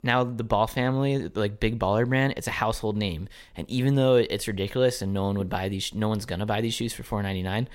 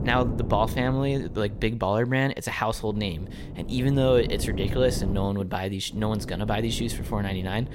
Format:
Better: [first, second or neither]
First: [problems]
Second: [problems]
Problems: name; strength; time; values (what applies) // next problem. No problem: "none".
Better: first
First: none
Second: wind noise on the microphone; occasional gusts; until 1.5 s, from 3 to 5 s and from 6 s on; 15 dB below the speech